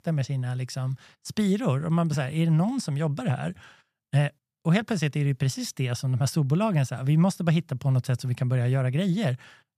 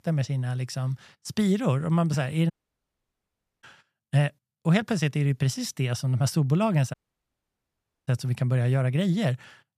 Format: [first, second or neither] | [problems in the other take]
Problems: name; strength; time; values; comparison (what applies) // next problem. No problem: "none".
first | audio cutting out; at 2.5 s for 1 s and at 7 s for 1 s